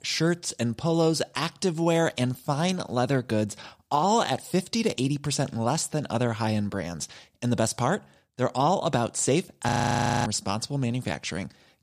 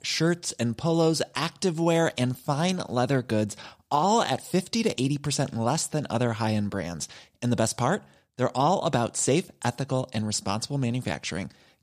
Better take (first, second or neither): second